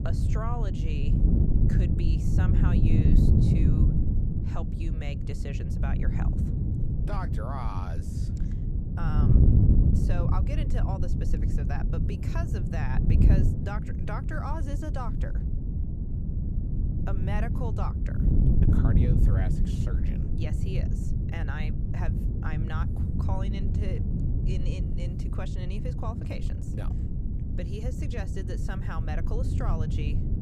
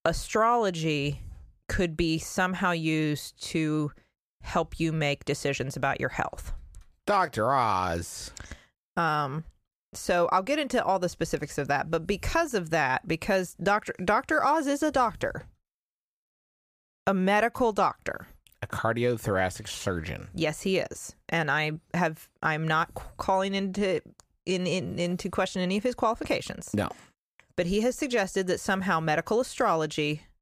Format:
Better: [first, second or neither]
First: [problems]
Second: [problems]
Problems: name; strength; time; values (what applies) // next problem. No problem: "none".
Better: second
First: wind noise on the microphone; heavy; 1 dB above the speech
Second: none